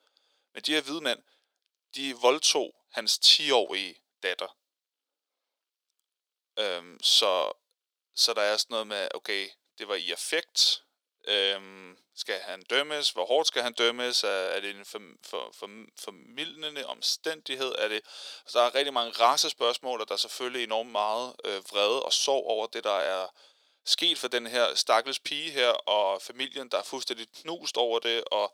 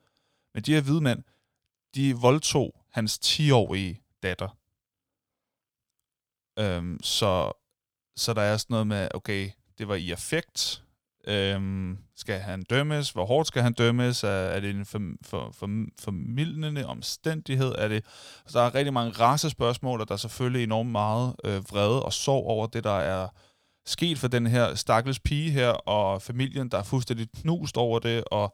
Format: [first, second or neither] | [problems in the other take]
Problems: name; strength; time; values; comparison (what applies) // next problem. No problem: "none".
second | thin; very; fading below 350 Hz